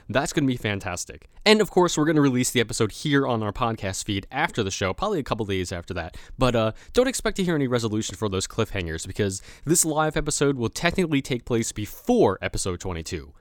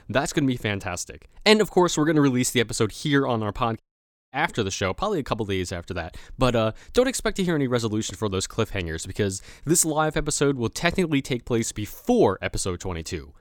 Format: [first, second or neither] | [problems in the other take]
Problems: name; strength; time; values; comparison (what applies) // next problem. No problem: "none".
first | audio cutting out; at 4 s for 0.5 s